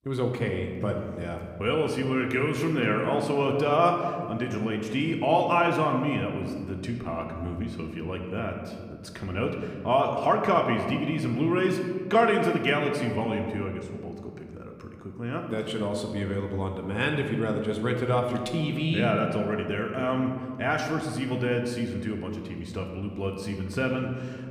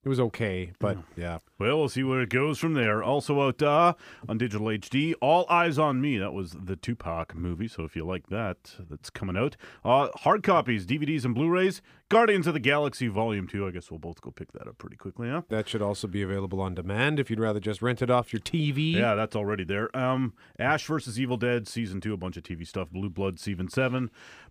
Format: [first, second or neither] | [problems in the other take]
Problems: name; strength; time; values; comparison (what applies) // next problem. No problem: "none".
second | room echo; slight; dies away in 1.6 s